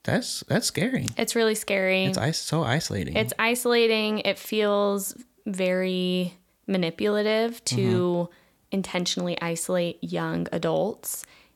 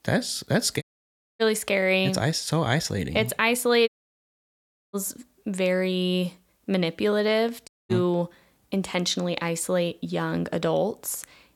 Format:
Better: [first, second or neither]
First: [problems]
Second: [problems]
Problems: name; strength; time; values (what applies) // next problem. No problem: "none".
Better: first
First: none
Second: audio cutting out; at 1 s for 0.5 s, at 4 s for 1 s and at 7.5 s